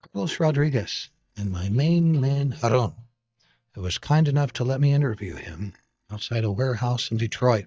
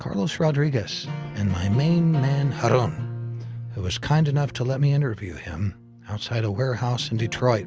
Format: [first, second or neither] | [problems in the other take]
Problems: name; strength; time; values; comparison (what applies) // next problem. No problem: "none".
second | noise reduction (neural mask model DeepFilterNet 3)